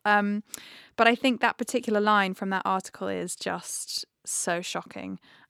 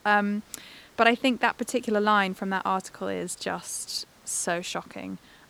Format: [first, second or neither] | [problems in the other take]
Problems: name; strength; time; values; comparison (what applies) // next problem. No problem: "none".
first | hiss; faint; throughout; 30 dB below the speech